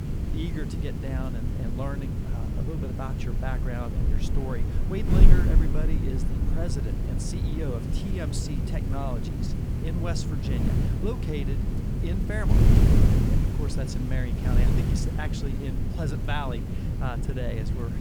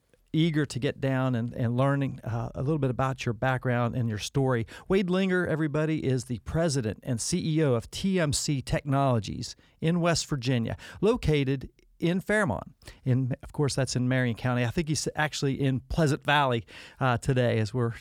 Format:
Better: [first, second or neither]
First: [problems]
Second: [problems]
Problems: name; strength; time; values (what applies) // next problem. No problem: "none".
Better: second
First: wind noise on the microphone; heavy; as loud as the speech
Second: none